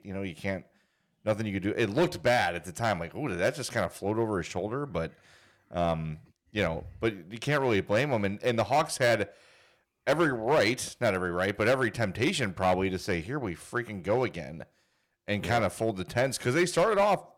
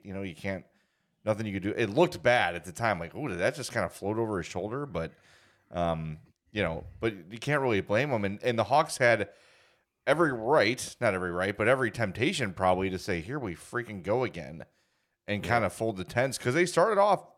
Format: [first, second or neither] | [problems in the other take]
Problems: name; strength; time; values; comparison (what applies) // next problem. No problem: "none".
second | distortion; slight; 3% of the sound clipped